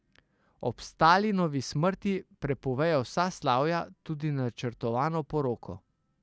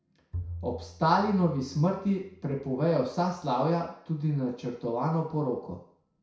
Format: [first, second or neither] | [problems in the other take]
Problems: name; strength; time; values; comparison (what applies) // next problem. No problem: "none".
first | background sound (Bowed string instrument); 14 dB below the speech // room echo; dies away in 0.6 s